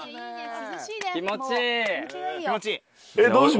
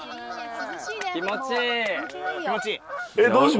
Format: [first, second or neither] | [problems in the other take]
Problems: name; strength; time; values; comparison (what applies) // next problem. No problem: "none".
first | background sound (Bird vocalization, bird call, bird song / Fowl); 11 dB below the speech